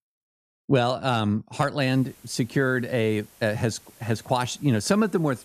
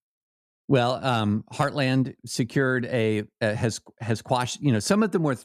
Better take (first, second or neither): second